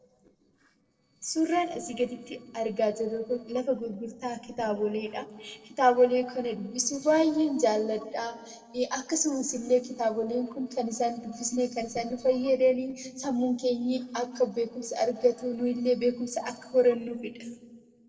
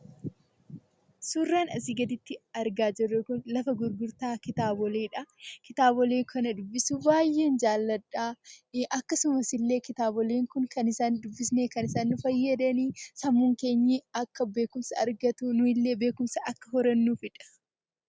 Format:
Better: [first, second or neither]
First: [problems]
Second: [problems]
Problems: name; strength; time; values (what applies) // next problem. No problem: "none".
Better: second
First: noise reduction (neural separator model SepFormer DNS4)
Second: none